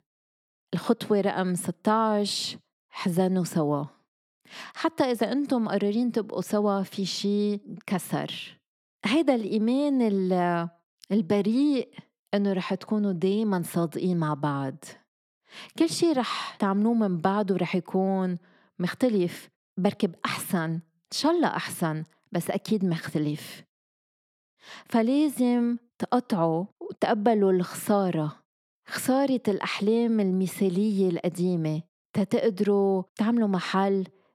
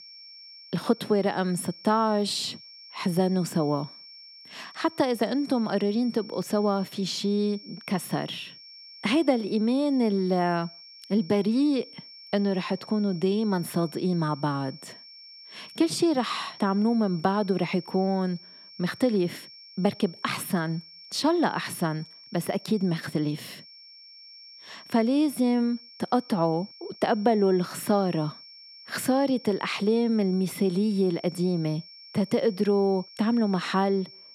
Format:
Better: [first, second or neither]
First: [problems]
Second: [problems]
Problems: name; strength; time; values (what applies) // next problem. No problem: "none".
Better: first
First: none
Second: high-pitched whine; noticeable; throughout; 5.5 kHz, 20 dB below the speech